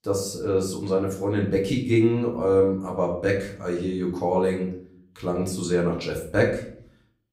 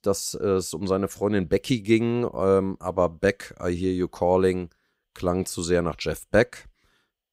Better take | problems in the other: second | off-mic speech; far // room echo; slight; dies away in 0.5 s

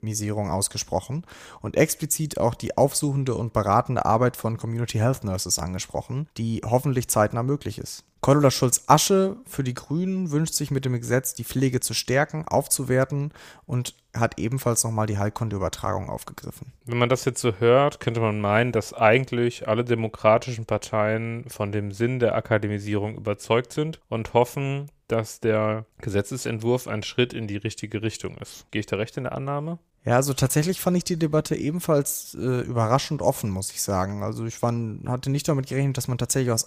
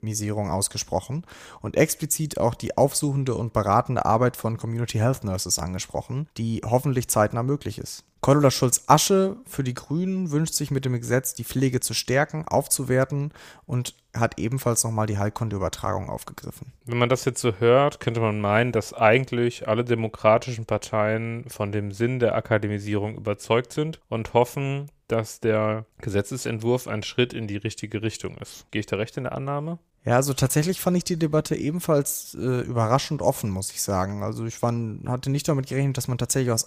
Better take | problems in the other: neither | none

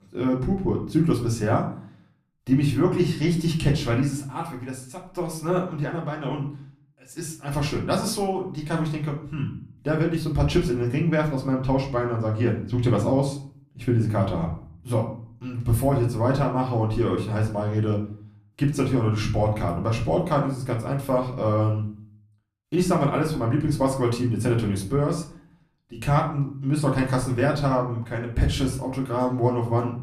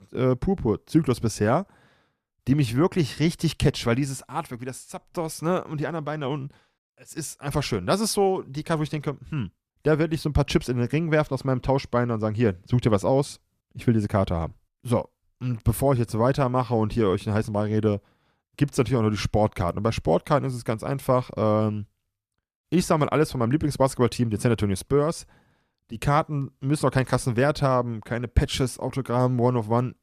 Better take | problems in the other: second | room echo; slight; dies away in 0.4 s // off-mic speech; far

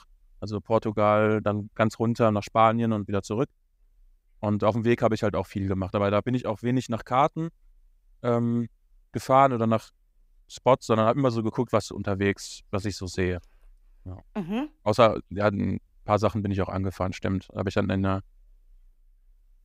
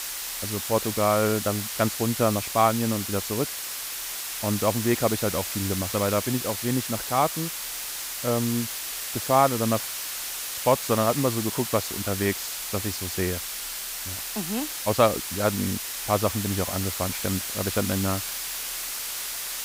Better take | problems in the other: first | hiss; loud; throughout; 3 dB below the speech

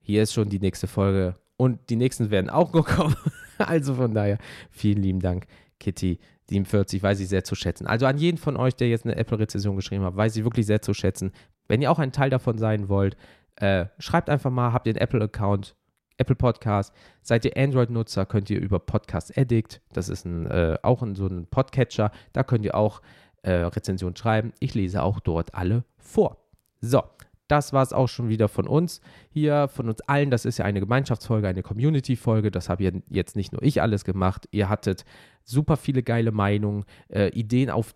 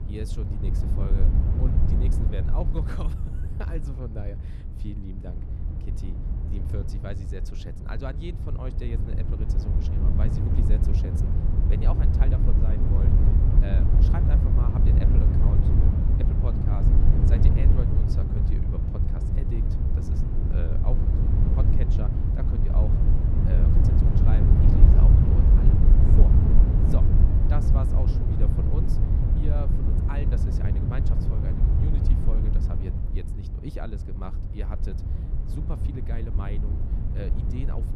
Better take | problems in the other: first | wind noise on the microphone; heavy; 4 dB above the speech

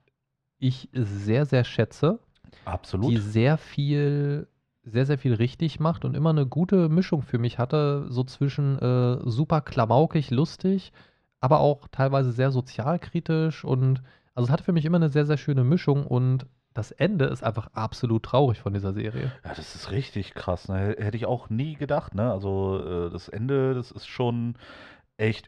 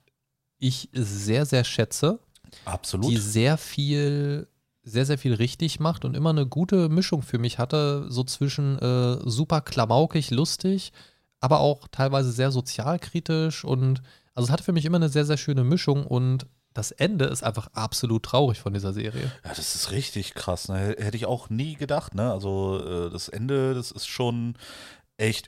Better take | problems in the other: second | muffled; slightly; fading above 2.5 kHz

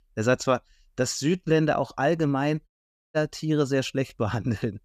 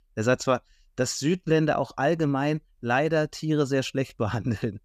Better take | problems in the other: second | audio cutting out; at 2.5 s

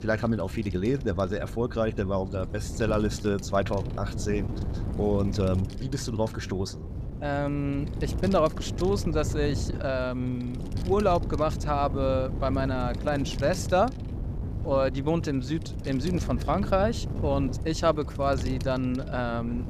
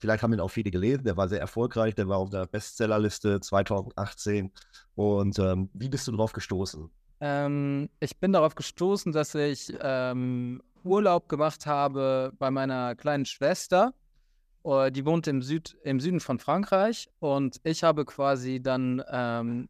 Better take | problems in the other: second | wind noise on the microphone; occasional gusts; 15 dB below the speech

